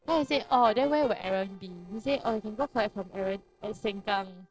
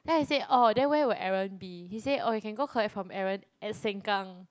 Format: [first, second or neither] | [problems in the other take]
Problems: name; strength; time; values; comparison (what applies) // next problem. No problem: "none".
second | noise reduction (neural separator model SepFormer DNS4)